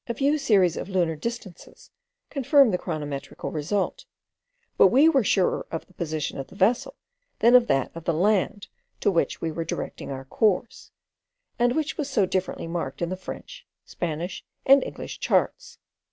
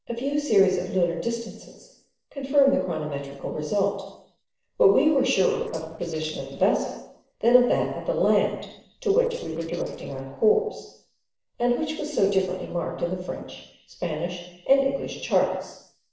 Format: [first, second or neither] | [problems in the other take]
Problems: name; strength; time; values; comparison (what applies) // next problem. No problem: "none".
first | noise reduction (neural separator model SepFormer DNS4)